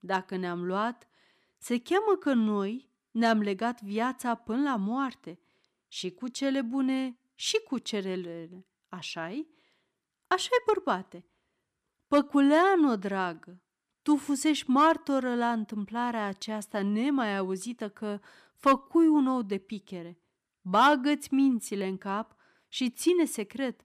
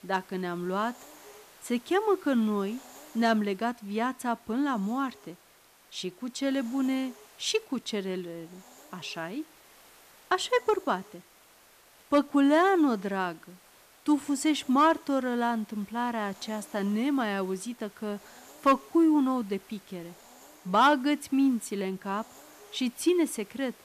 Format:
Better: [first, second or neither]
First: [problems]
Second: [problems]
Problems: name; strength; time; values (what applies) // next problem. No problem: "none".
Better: first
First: none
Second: hiss; faint; throughout; 25 dB below the speech